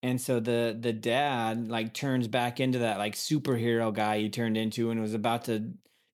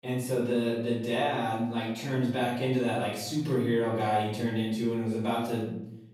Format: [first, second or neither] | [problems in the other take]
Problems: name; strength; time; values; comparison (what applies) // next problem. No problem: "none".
first | room echo; noticeable; dies away in 0.7 s // off-mic speech; far